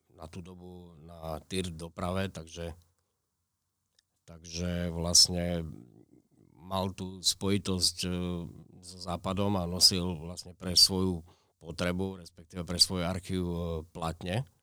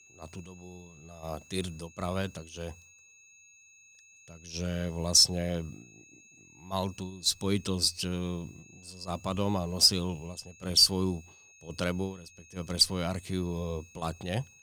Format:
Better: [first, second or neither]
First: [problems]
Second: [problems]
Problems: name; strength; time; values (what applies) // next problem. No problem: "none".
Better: first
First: none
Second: high-pitched whine; faint; throughout; 2.5 kHz, 25 dB below the speech